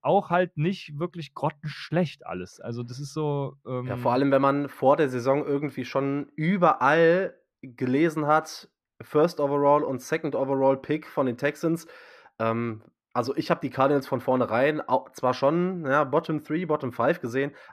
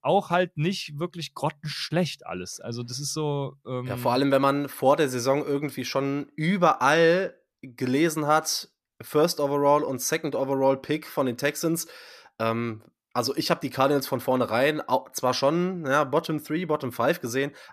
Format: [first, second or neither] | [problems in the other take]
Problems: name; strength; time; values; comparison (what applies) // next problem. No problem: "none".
second | muffled; slightly; fading above 3.5 kHz